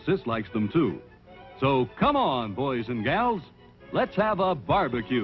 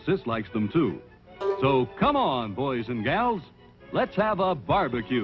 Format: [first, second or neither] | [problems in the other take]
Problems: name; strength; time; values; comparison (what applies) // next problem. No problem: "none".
first | background sound (Bowed string instrument); 10 dB below the speech